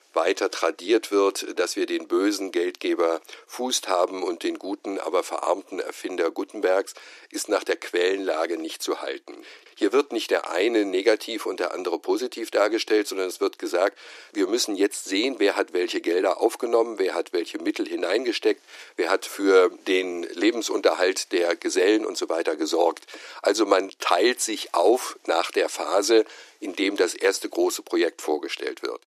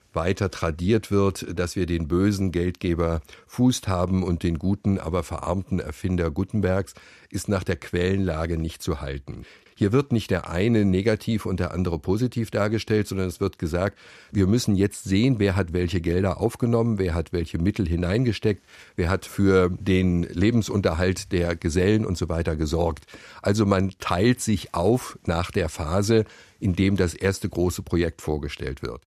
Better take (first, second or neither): second